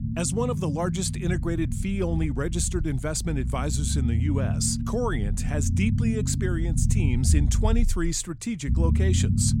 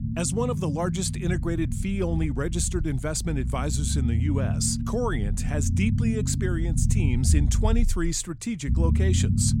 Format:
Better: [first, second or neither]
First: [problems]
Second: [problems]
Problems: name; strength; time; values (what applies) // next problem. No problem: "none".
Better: neither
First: low rumble; loud; throughout; 8 dB below the speech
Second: low rumble; loud; throughout; 8 dB below the speech